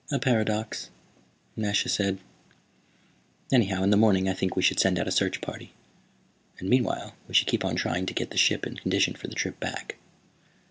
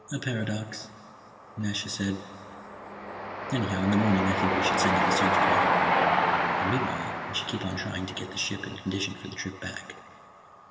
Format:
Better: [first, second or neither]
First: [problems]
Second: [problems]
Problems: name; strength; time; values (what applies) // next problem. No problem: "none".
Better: first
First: none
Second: background sound (Train); 2 dB above the speech // room echo; dies away in 2.2 s